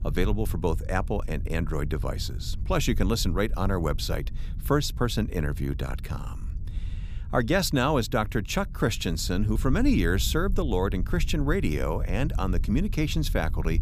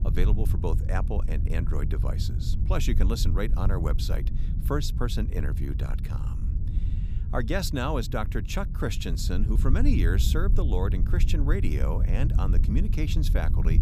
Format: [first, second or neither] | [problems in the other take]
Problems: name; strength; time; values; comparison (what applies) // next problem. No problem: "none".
first | low rumble; loud; throughout; 10 dB below the speech; faint in the first